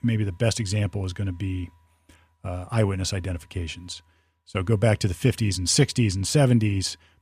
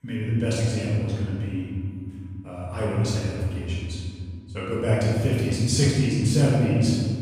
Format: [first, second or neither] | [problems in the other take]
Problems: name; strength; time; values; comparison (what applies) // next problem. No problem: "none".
first | room echo; strong; dies away in 2.3 s // off-mic speech; far